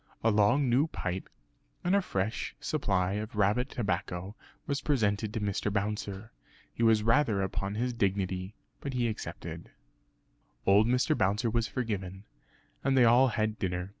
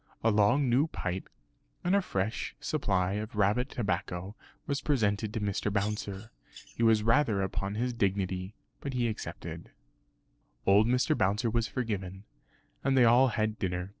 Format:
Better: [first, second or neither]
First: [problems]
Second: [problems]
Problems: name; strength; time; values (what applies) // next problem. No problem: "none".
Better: first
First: none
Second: noise reduction (neural separator model SepFormer DNS4)